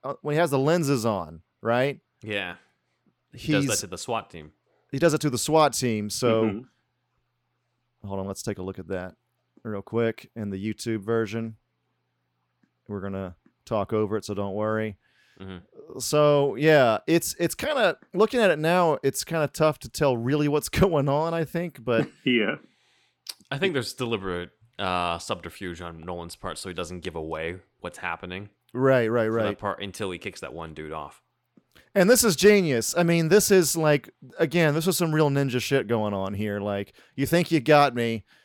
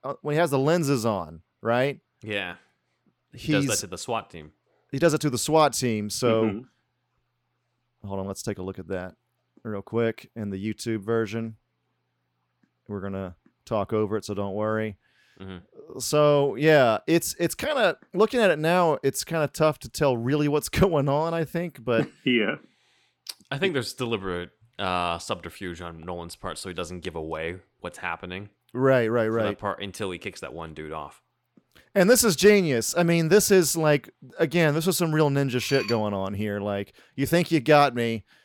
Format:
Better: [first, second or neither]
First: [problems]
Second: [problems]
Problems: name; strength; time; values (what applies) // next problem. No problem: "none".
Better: first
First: none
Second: clattering dishes; noticeable; at 36 s; peak 8 dB below the speech